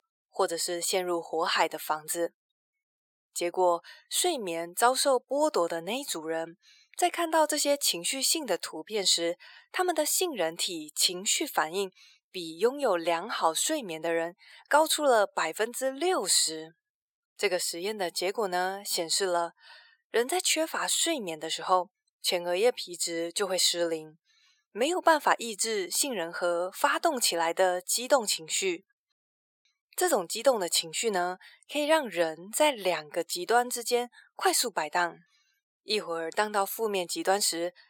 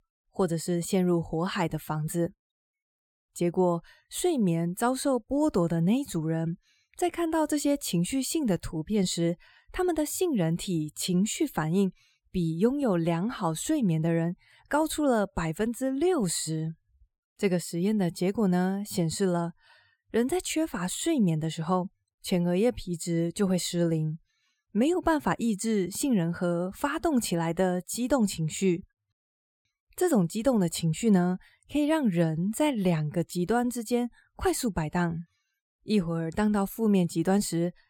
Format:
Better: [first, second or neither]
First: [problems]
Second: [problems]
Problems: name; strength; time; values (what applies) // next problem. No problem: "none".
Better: second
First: thin; very; fading below 500 Hz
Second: none